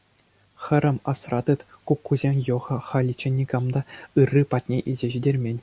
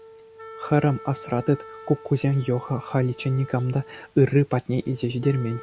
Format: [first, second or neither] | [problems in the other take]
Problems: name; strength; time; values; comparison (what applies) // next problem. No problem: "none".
first | background sound (Wind instrument, woodwind instrument); 19 dB below the speech